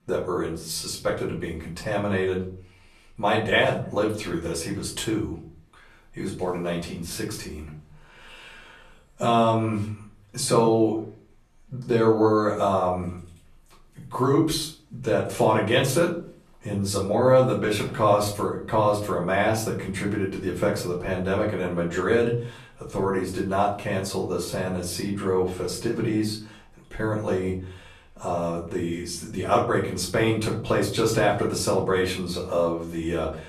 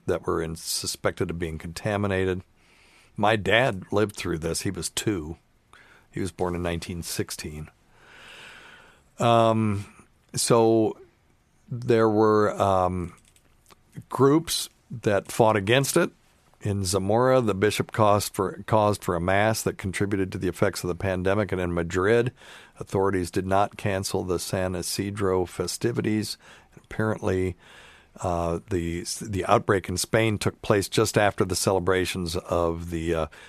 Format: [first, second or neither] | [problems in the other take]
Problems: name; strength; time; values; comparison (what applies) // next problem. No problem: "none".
second | room echo; slight; dies away in 0.4 s // off-mic speech; far